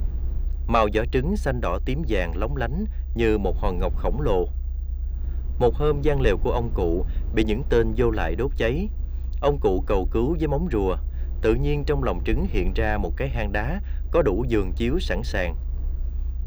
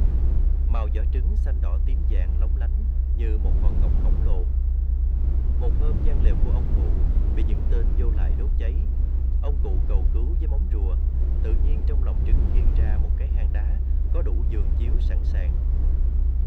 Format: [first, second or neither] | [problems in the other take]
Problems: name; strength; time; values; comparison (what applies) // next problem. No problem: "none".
first | low rumble; loud; throughout; 1 dB below the speech; faint in the first